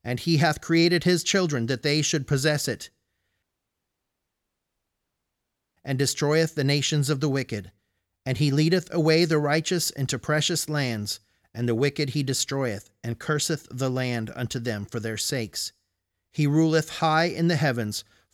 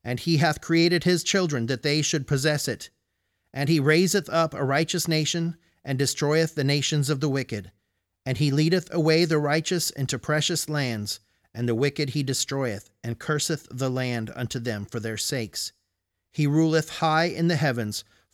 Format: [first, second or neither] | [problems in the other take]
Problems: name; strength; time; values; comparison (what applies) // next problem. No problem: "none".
second | audio cutting out; at 3.5 s for 2.5 s